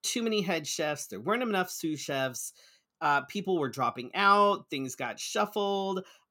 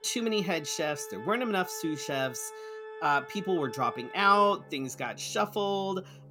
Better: first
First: none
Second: background music; noticeable; throughout; 15 dB below the speech

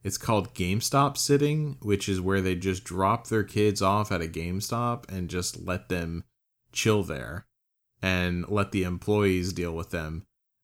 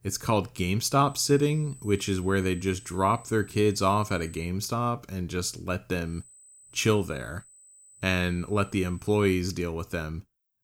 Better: first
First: none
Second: high-pitched whine; faint; from 1 to 4.5 s and from 6 to 9.5 s; 8 kHz, 20 dB below the speech

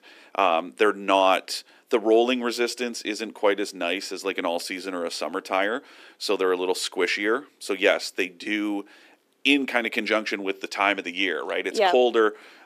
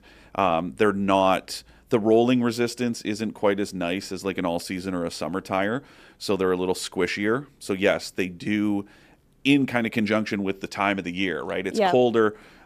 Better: second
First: thin; very slightly; fading below 300 Hz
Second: none

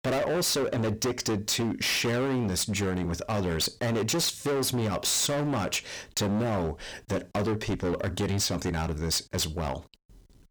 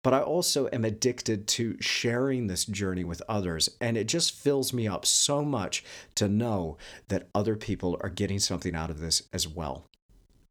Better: second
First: distortion; heavy; 27% of the sound clipped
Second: none

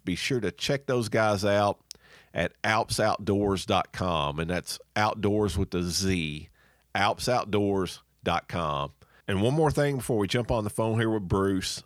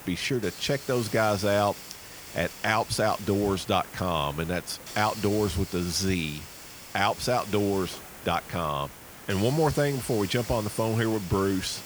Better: first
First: none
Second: hiss; noticeable; throughout; 15 dB below the speech

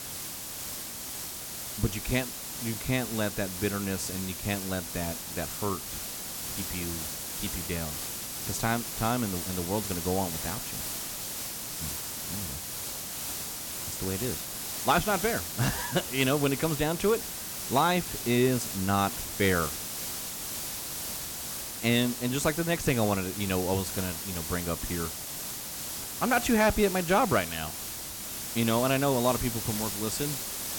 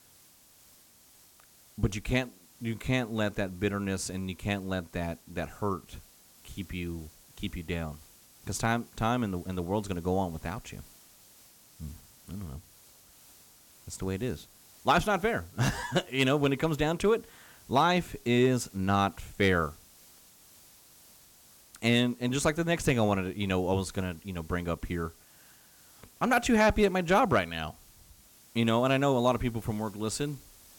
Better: second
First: hiss; loud; throughout; 4 dB below the speech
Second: hiss; faint; throughout; 25 dB below the speech

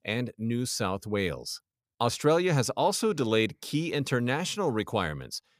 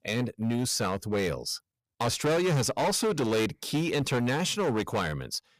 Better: first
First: none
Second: distortion; heavy; 14% of the sound clipped

